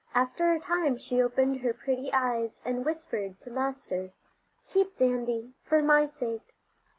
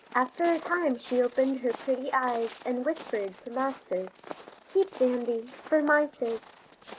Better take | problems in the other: first | background sound (Walk, footsteps); 18 dB below the speech

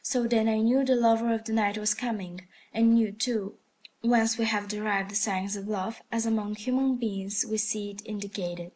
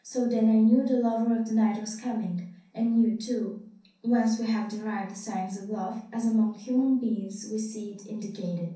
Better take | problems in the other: first | room echo; dies away in 0.6 s

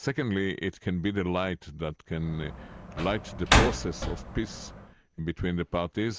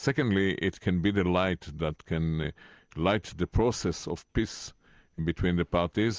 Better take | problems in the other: second | background sound (Slam); 1 dB above the speech

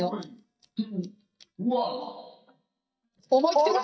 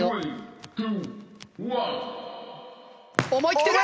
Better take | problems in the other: second | noise reduction (neural mask model DeepFilterNet 3)

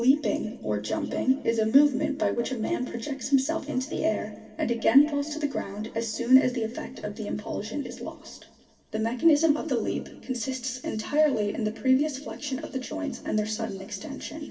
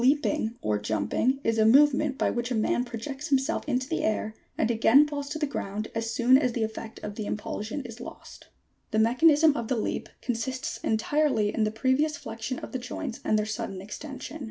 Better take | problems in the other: second | room echo; dies away in 1.9 s

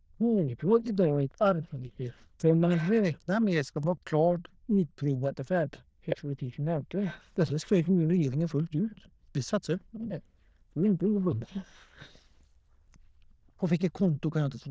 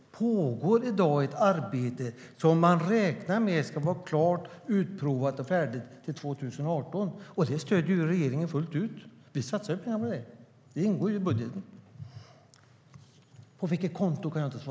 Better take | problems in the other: second | noise reduction (neural diffusion model UNIVERSE++)

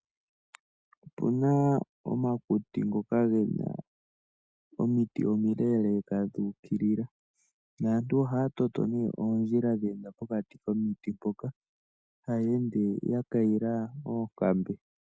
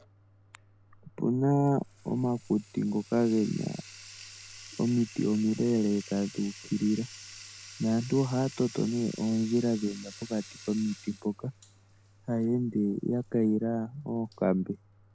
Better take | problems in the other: first | background sound (Bathtub (filling or washing)); 20 dB below the speech

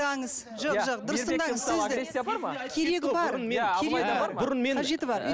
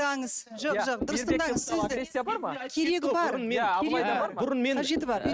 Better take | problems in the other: first | noise reduction (neural mask model RNNoise)

